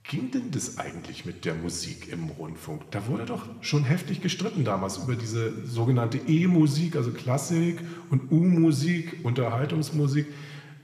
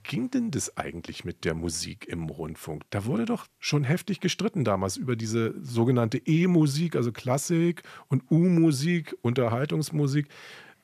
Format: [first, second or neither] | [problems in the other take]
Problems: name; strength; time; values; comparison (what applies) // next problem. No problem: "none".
second | room echo; slight; dies away in 1.4 s